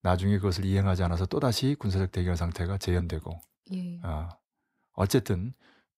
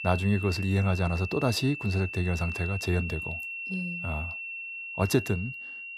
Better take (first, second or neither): first